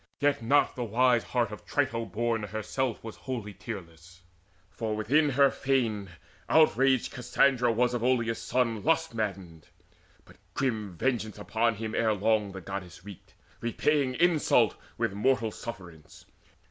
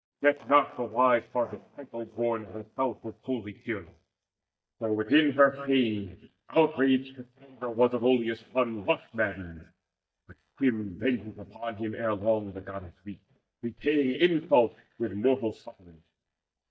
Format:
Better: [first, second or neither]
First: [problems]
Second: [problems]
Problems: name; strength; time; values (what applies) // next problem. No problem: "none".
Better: first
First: none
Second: noise reduction (neural mask model DeepFilterNet 3)